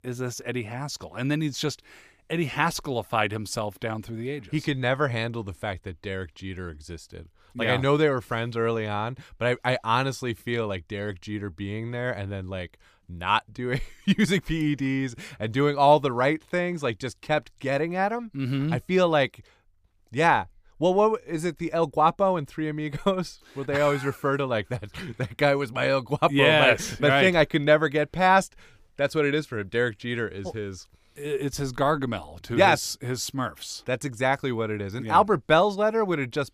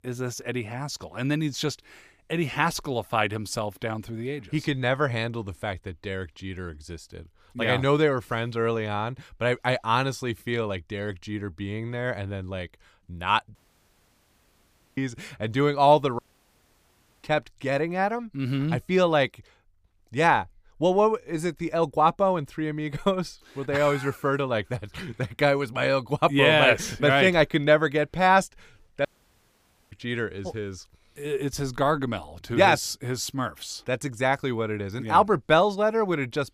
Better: first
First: none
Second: audio cutting out; at 14 s for 1.5 s, at 16 s for 1 s and at 29 s for 1 s

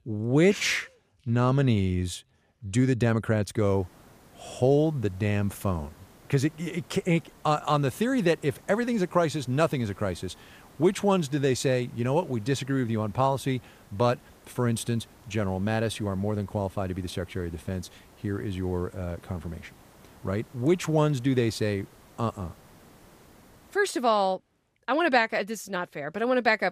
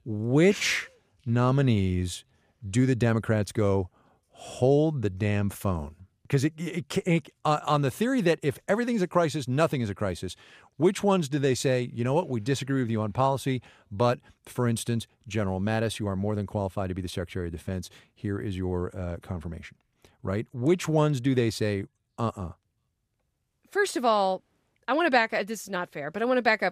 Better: second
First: hiss; faint; from 3.5 to 24 s; 25 dB below the speech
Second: none

